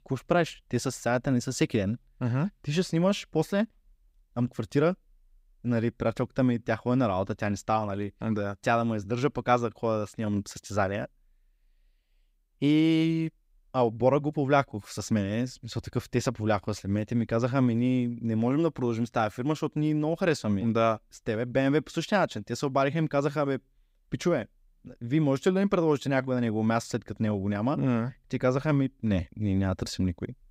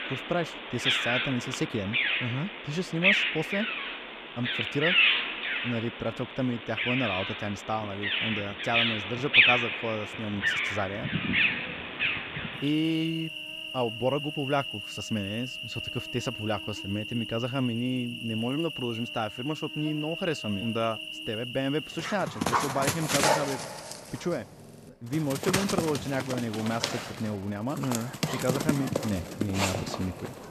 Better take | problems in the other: first | animal sounds; very loud; throughout; 3 dB above the speech

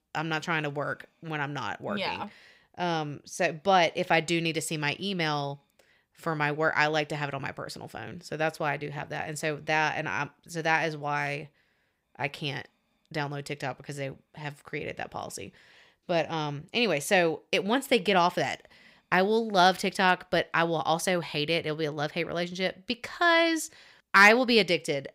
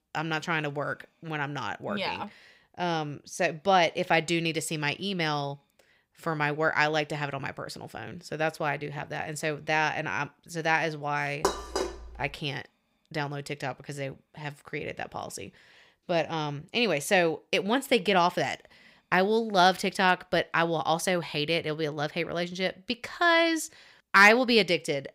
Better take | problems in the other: first | clattering dishes; noticeable; at 11 s; peak 3 dB below the speech

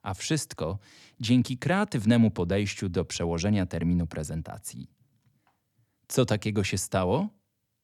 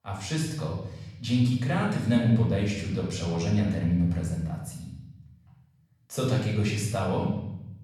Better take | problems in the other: first | off-mic speech; far // room echo; noticeable; dies away in 1.1 s

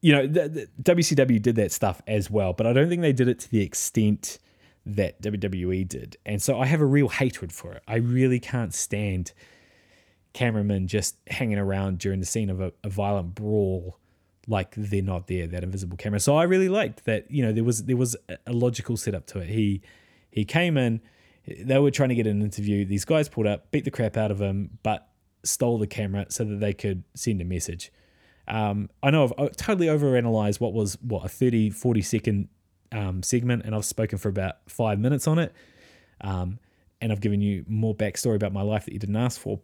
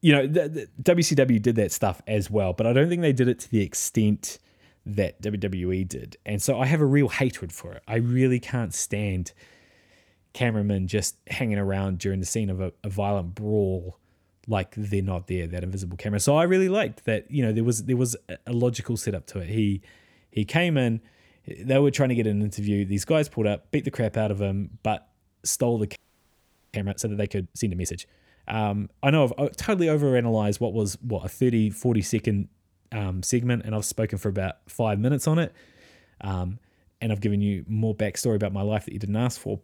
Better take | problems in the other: first | audio freezing; at 26 s for 1 s

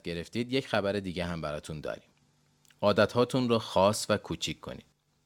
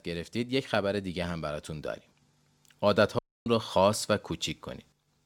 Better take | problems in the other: first | audio cutting out; at 3 s

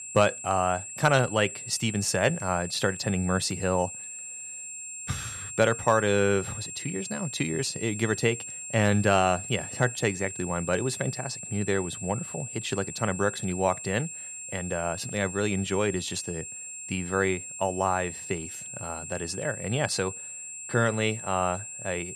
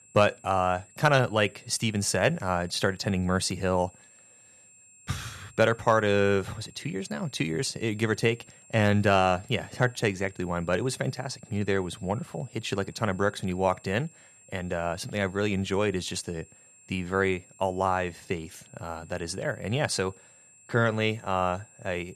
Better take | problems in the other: second | high-pitched whine; loud; throughout; 7.5 kHz, 8 dB below the speech; faint in the second

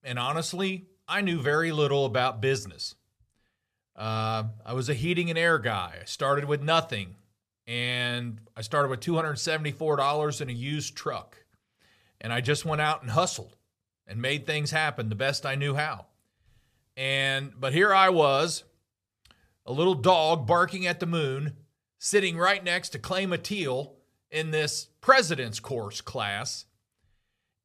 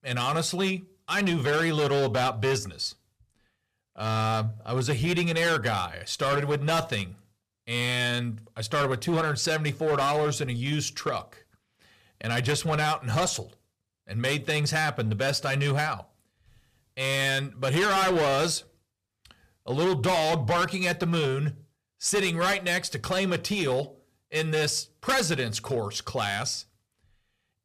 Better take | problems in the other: first | distortion; heavy; 12% of the sound clipped

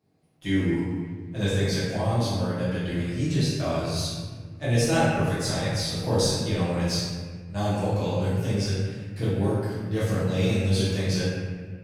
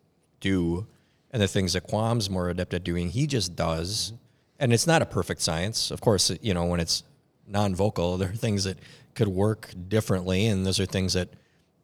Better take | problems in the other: second | room echo; strong; dies away in 1.6 s // off-mic speech; far

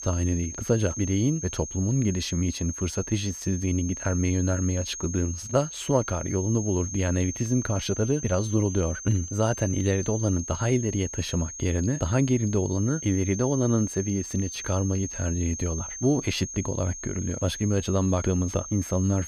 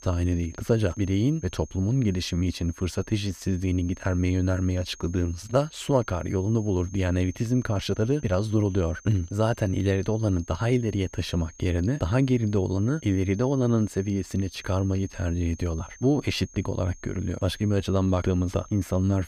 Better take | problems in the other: second | high-pitched whine; loud; throughout; 6.5 kHz, 8 dB below the speech; faint in the second

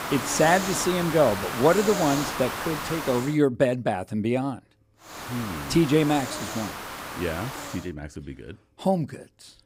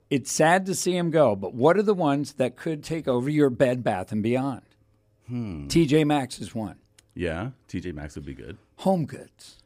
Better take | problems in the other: second | hiss; loud; until 3 s and from 5 to 8 s; 7 dB below the speech

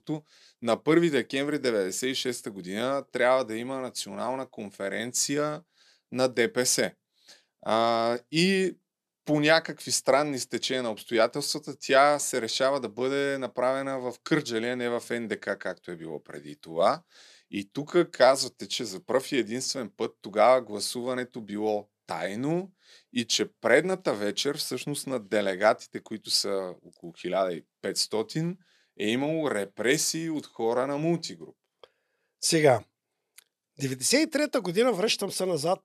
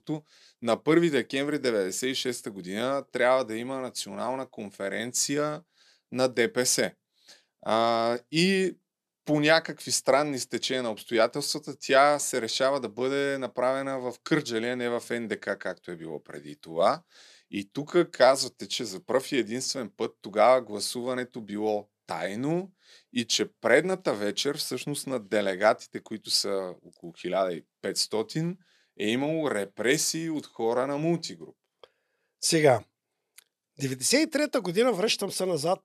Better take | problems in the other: neither | none

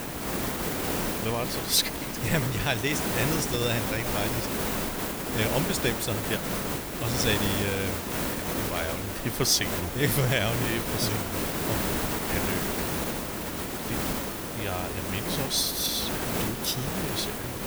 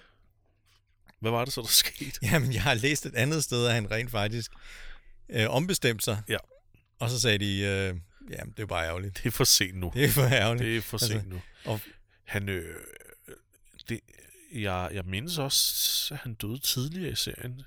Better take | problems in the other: second | hiss; loud; throughout; as loud as the speech

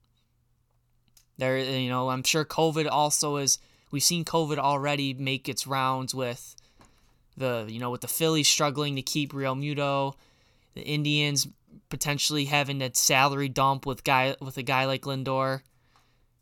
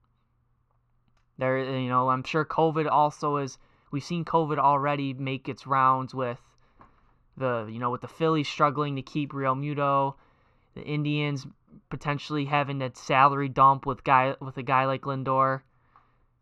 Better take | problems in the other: first | muffled; very; fading above 1.5 kHz

